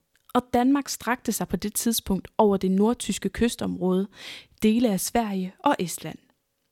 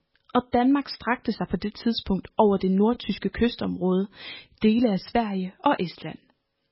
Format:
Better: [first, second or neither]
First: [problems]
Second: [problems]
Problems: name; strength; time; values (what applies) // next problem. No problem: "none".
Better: first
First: none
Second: garbled, watery; badly; nothing above 5.5 kHz